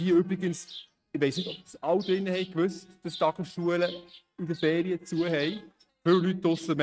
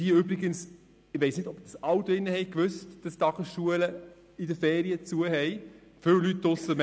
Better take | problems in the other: second | noise reduction (neural mask model RNNoise)

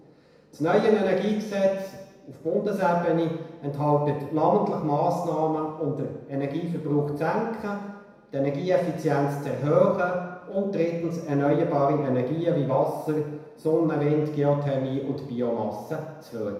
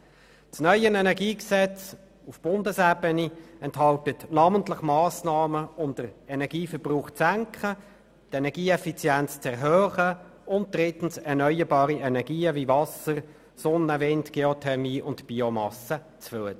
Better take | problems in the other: second | room echo; dies away in 1 s

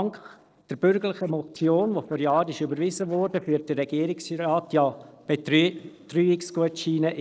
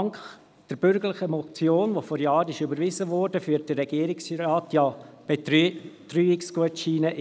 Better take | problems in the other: second | noise reduction (neural separator model SepFormer DNS4)

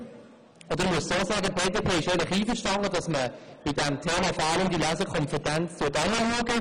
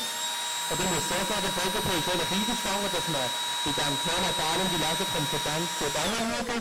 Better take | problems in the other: first | background sound (Engine / Drill); as loud as the speech

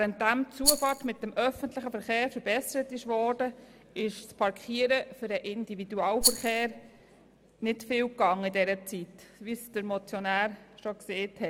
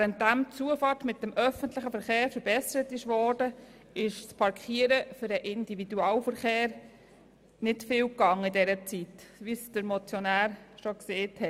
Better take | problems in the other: second | background sound (Rattle); 1 dB above the speech

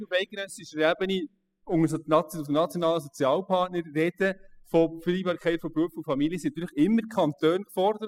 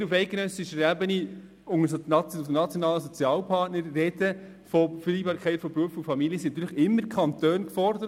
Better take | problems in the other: second | noise reduction (classical method spectral subtraction)

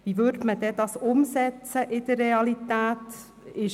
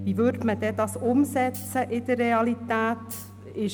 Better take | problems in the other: first | background sound (Hi-hat + Bass guitar); 12 dB below the speech

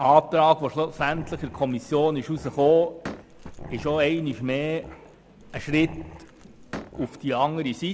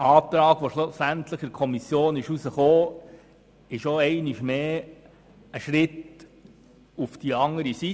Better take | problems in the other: second | background sound (Slam + Growling); 17 dB below the speech

